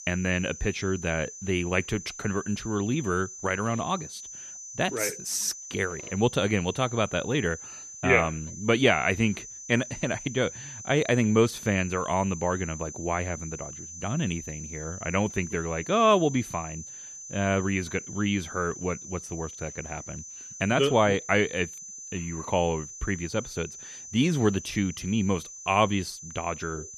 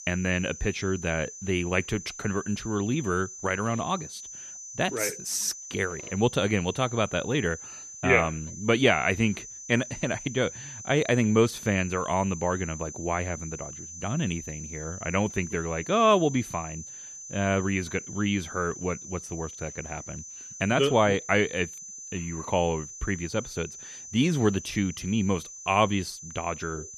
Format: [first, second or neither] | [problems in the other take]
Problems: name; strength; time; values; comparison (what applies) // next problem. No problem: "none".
neither | high-pitched whine; noticeable; throughout; 6 kHz, 10 dB below the speech; the same in both